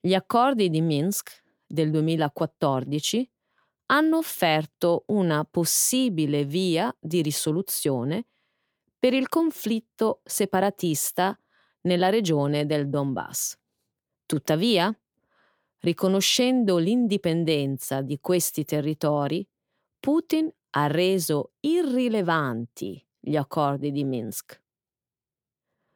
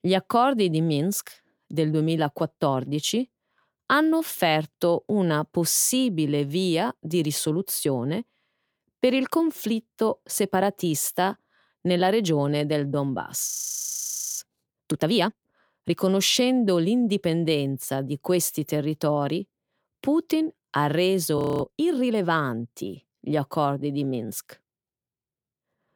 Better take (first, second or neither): first